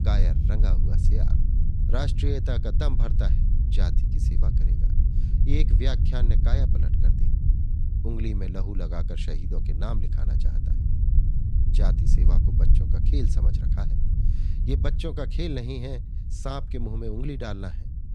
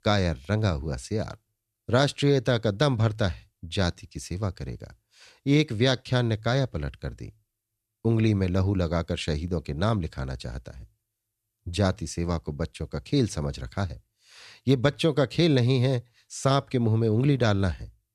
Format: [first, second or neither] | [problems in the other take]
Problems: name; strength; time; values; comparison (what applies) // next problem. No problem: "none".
second | low rumble; loud; throughout; 5 dB below the speech